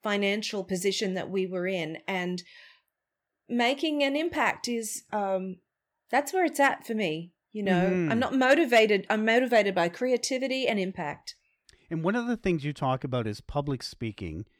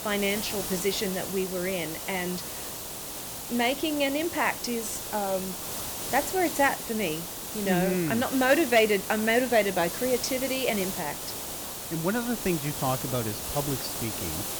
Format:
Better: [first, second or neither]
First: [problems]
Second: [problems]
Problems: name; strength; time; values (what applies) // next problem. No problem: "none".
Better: first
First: none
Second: hiss; loud; throughout; 5 dB below the speech